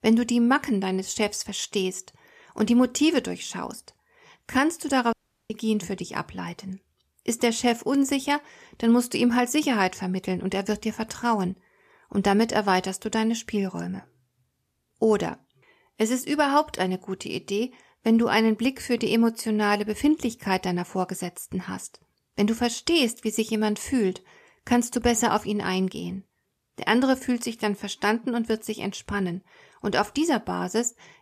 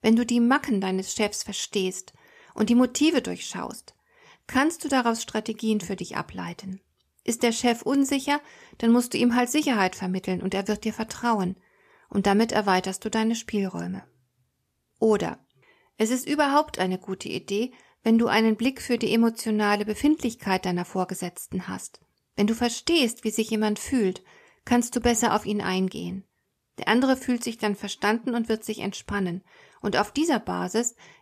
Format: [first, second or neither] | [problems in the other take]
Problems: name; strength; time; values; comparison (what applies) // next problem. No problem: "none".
second | audio cutting out; at 5 s